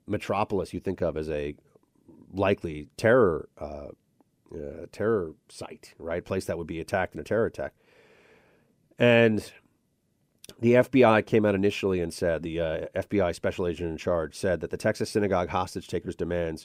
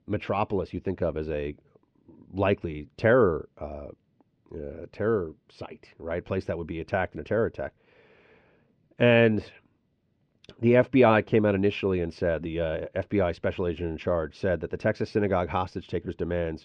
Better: first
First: none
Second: muffled; slightly; fading above 4 kHz

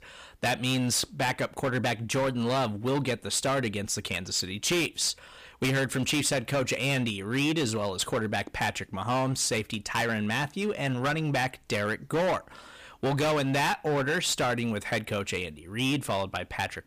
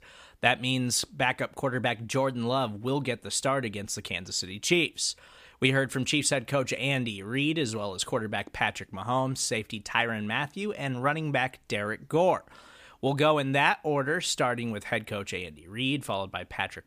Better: second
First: distortion; heavy; 14% of the sound clipped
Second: none

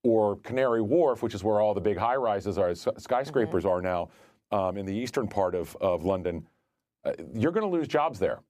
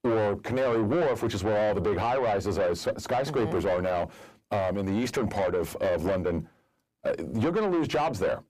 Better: first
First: none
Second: distortion; heavy; 6 dB below the speech

